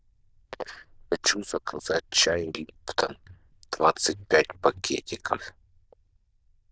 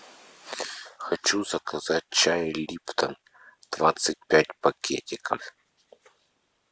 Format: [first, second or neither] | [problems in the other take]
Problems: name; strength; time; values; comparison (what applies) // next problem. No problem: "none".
second | noise reduction (neural diffusion model UNIVERSE++)